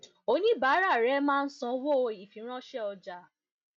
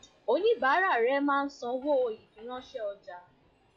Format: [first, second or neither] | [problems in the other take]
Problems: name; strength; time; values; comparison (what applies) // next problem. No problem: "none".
first | noise reduction (classical method log-MMSE)